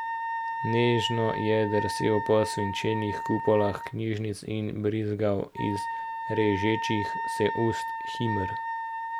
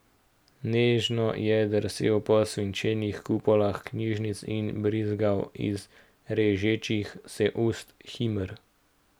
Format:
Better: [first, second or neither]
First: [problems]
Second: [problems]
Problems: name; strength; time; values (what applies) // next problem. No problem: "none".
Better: second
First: background sound (Wind instrument, woodwind instrument); 5 dB below the speech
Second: none